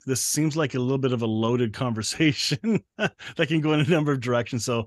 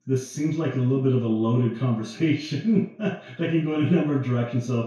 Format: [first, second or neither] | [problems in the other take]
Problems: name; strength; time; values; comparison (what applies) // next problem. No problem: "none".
first | room echo; noticeable; dies away in 0.5 s // off-mic speech; far